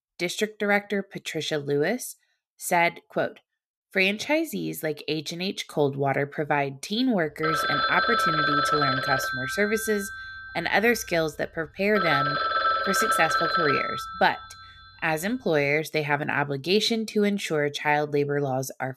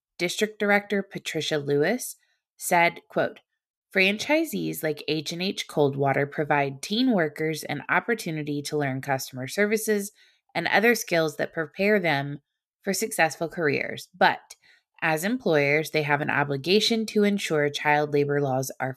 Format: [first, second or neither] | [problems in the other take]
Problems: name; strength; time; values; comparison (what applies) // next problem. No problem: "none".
second | phone ringing; loud; from 7.5 to 14 s; peak 4 dB above the speech